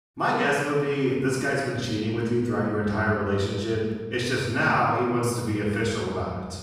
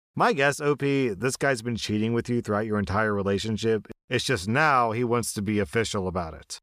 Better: second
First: off-mic speech; far // room echo; strong; dies away in 1.3 s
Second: none

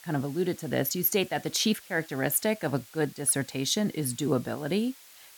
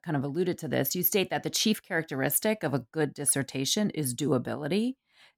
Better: second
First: hiss; faint; throughout; 20 dB below the speech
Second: none

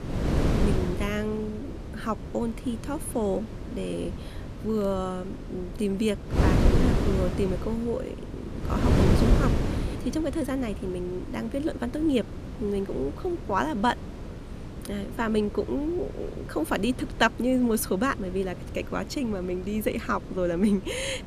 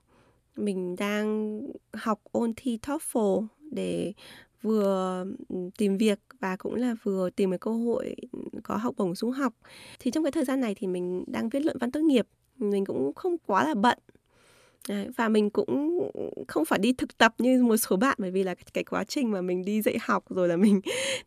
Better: second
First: wind noise on the microphone; heavy; 7 dB below the speech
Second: none

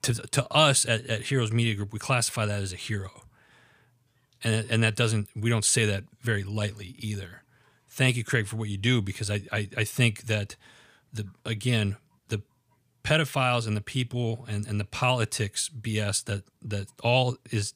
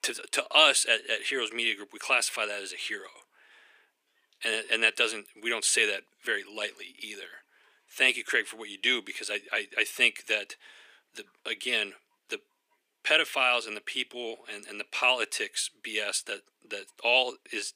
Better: first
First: none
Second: thin; very; fading below 300 Hz

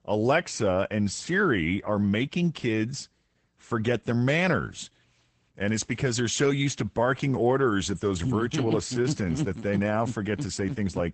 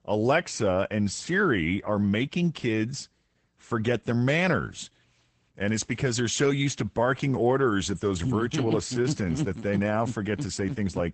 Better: neither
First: garbled, watery; badly; nothing above 8 kHz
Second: garbled, watery; badly; nothing above 8 kHz

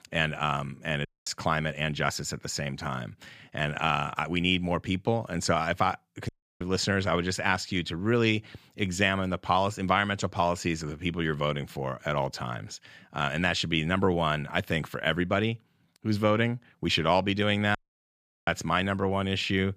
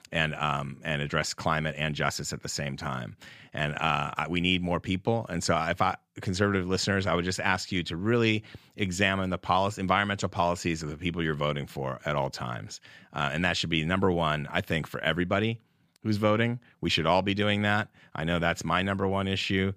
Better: second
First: audio cutting out; at 1 s, at 6.5 s and at 18 s for 0.5 s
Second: none

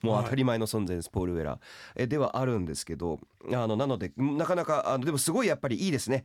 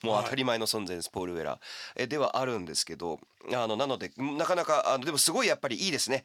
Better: first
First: none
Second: thin; somewhat; fading below 1 kHz

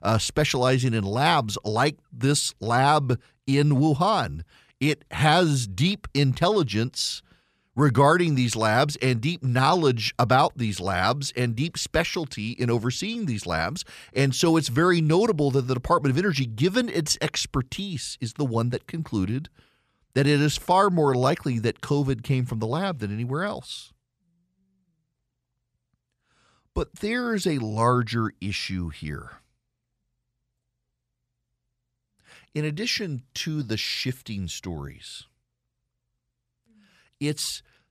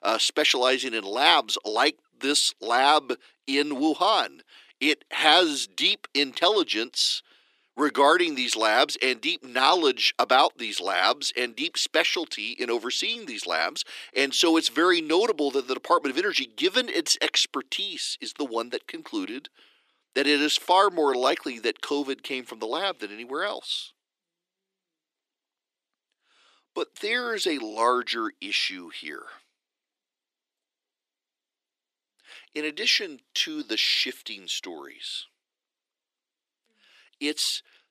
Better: first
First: none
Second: thin; somewhat; fading below 300 Hz

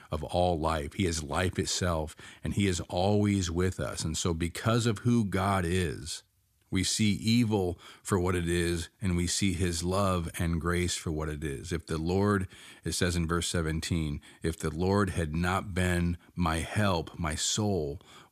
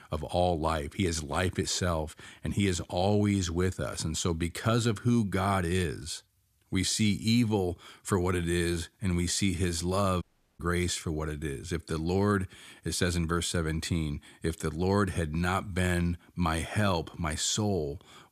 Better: first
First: none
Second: audio cutting out; at 10 s

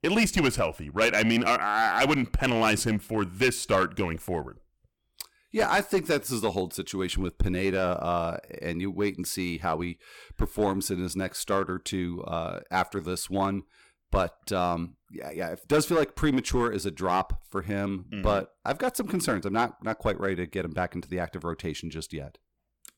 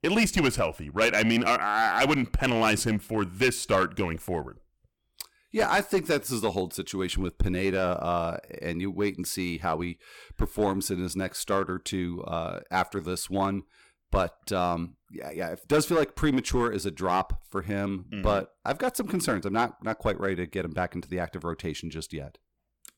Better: neither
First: distortion; slight; 4% of the sound clipped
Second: distortion; slight; 4% of the sound clipped

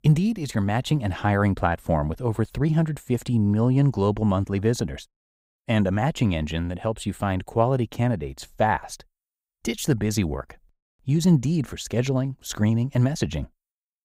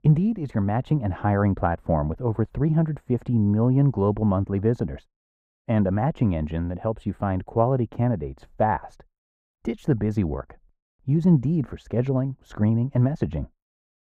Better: first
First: none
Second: muffled; very; fading above 2.5 kHz

